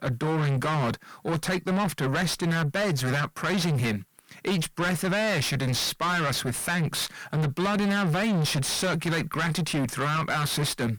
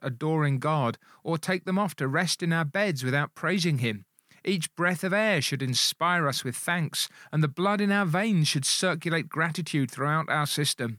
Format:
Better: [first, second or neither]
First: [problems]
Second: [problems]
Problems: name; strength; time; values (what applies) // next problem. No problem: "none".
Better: second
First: distortion; heavy; 5 dB below the speech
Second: none